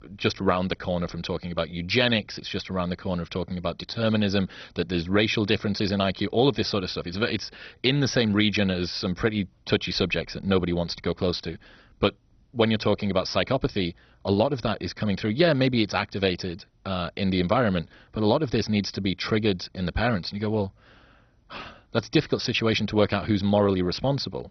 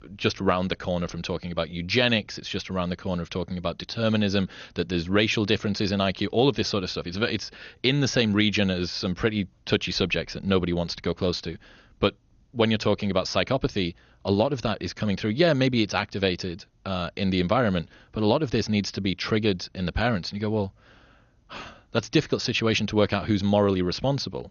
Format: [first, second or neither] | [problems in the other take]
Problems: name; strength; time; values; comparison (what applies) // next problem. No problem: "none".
second | garbled, watery; badly; nothing above 6 kHz; slightly in the second